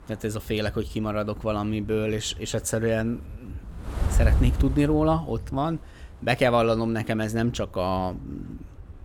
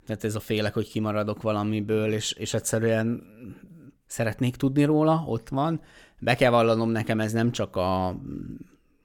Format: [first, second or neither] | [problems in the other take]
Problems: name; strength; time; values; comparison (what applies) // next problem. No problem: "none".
second | wind noise on the microphone; occasional gusts; 20 dB below the speech